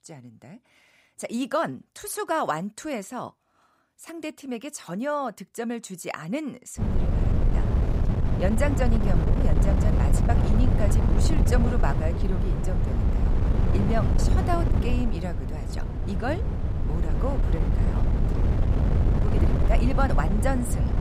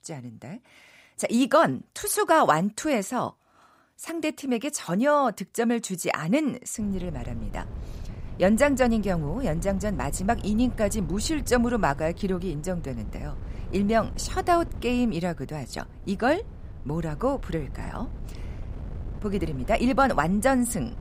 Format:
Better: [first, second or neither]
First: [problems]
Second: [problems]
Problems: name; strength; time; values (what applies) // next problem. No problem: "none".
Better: second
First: wind noise on the microphone; heavy; from 7 s on; 4 dB below the speech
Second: wind noise on the microphone; occasional gusts; from 7 s on; 25 dB below the speech